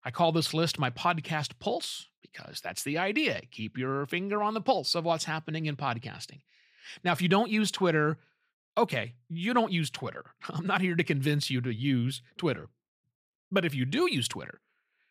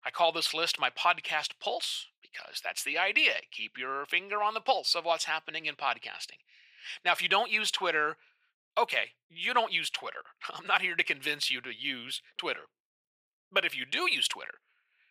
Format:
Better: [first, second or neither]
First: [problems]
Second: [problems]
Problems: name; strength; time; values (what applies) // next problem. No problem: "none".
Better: first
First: none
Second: thin; very; fading below 700 Hz